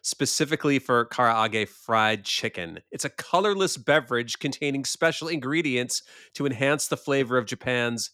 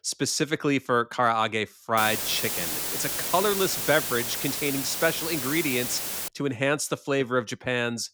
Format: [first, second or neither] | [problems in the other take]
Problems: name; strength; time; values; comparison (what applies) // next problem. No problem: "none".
first | hiss; loud; from 2 to 6.5 s; 1 dB below the speech